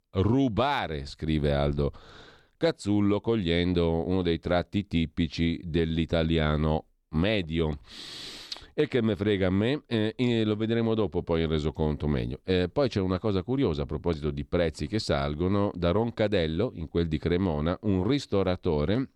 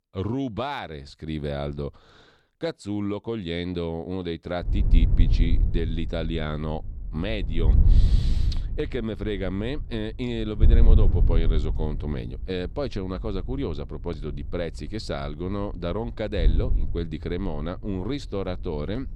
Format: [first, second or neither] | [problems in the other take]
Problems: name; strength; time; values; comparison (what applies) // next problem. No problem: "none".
first | wind noise on the microphone; heavy; from 4.5 s on; 10 dB below the speech